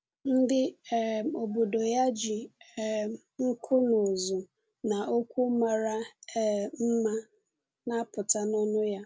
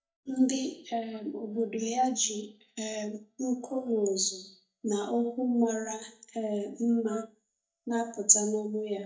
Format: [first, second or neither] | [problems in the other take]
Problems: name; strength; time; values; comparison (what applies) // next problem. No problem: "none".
first | noise reduction (neural mask model DeepFilterNet 3)